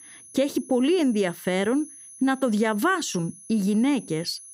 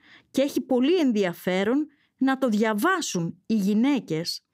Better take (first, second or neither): second